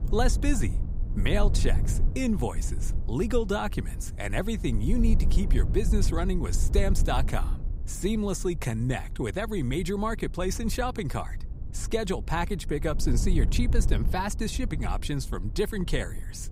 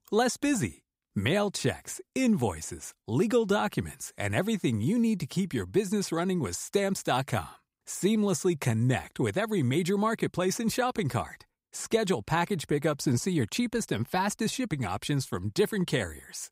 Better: second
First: low rumble; noticeable; throughout; 15 dB below the speech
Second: none

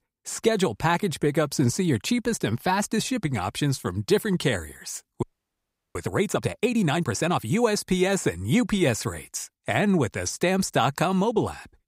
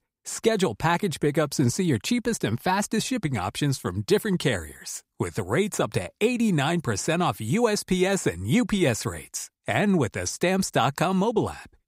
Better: second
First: audio freezing; at 5 s for 0.5 s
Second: none

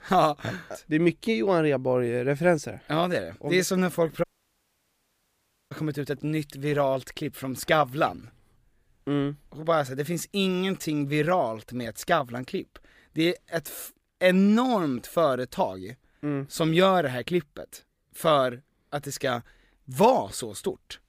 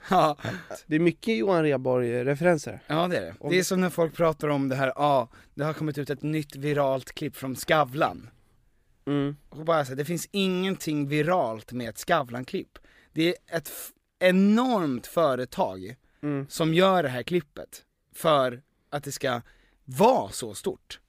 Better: second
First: audio cutting out; at 4 s for 1.5 s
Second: none

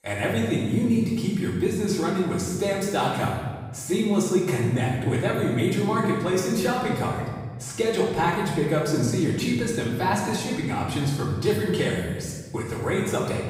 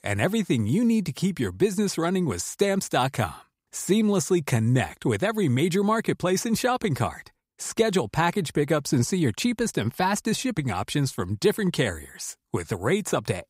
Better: second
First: room echo; noticeable; dies away in 1.4 s // off-mic speech; far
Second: none

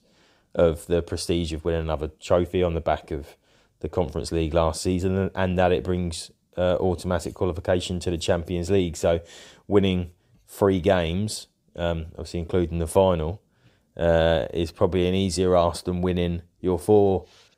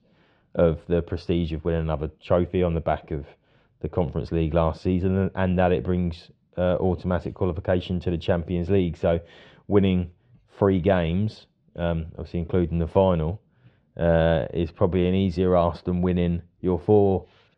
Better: first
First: none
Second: muffled; slightly; fading above 3 kHz

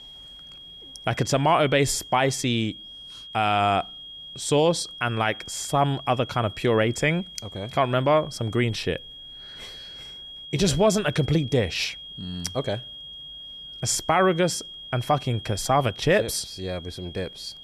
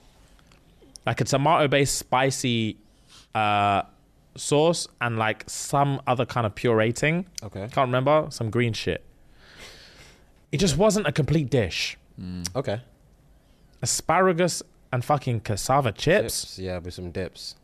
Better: second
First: high-pitched whine; noticeable; throughout; 3.5 kHz, 15 dB below the speech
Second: none

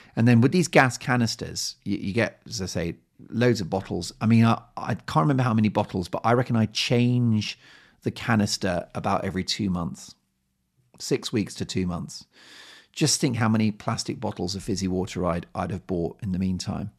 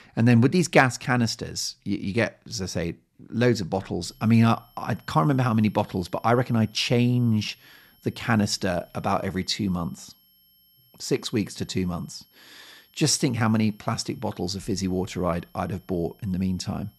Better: first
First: none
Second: high-pitched whine; faint; from 4 s on; 11.5 kHz, 35 dB below the speech

